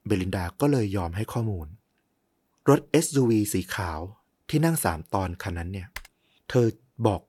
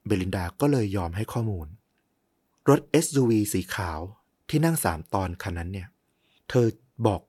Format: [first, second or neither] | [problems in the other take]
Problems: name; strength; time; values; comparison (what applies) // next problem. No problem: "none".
second | keyboard typing; faint; at 6 s; peak 15 dB below the speech